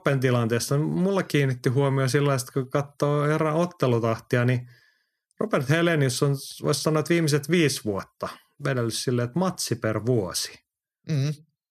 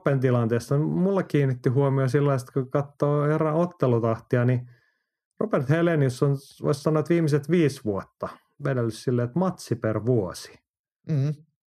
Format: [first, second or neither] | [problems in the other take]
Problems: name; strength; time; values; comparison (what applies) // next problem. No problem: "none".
first | muffled; slightly; fading above 2 kHz